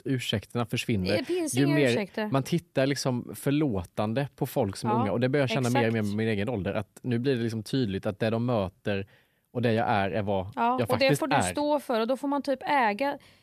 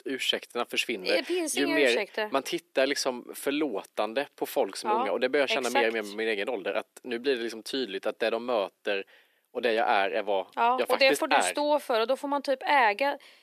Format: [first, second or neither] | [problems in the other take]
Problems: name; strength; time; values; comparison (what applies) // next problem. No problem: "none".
first | thin; somewhat; fading below 300 Hz